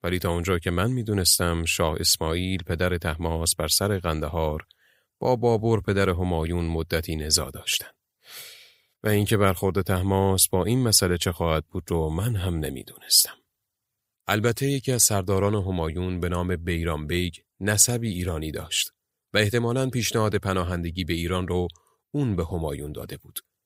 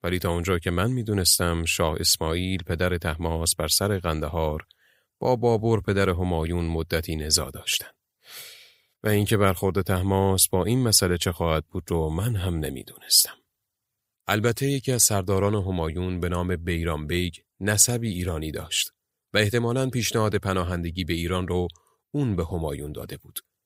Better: neither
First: none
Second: none

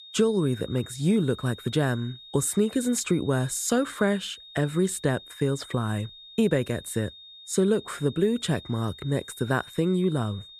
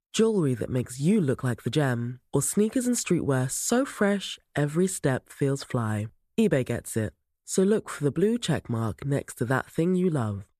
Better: second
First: high-pitched whine; noticeable; throughout; 3.5 kHz, 15 dB below the speech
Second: none

